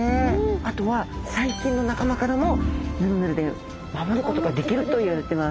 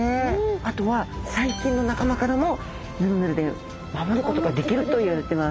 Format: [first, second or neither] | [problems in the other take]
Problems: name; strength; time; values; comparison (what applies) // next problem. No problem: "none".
second | background sound (Organ); 6 dB below the speech